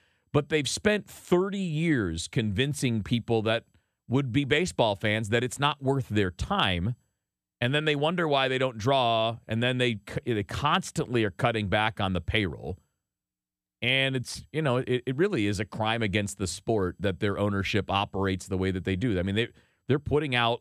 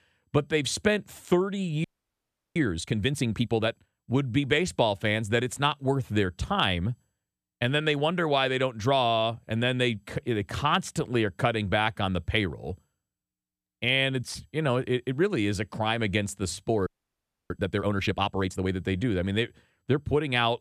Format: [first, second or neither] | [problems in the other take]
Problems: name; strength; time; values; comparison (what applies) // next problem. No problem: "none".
first | audio freezing; at 2 s for 0.5 s and at 17 s for 0.5 s